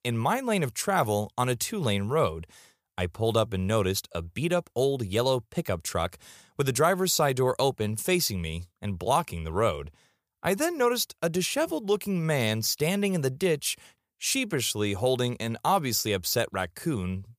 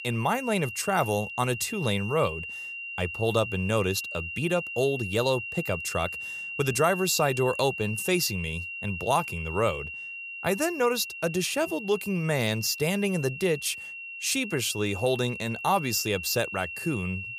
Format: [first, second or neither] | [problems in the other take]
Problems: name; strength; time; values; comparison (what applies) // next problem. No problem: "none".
first | high-pitched whine; loud; throughout; 3 kHz, 7 dB below the speech